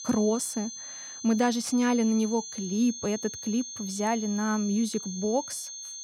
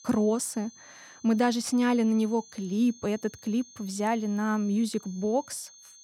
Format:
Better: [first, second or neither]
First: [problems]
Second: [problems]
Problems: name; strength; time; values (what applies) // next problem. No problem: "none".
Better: second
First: high-pitched whine; loud; throughout; 6.5 kHz, 9 dB below the speech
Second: high-pitched whine; faint; throughout; 6.5 kHz, 20 dB below the speech